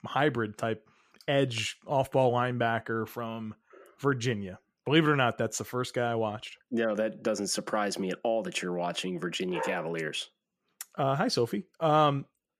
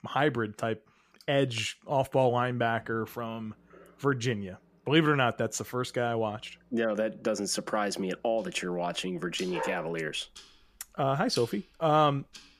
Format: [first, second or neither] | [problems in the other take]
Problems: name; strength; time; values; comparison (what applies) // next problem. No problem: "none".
first | household noises; faint; throughout; 25 dB below the speech